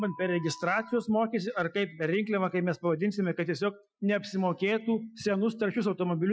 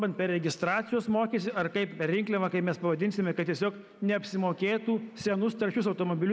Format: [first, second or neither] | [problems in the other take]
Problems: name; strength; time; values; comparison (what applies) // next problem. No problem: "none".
second | noise reduction (classical method Wiener filter)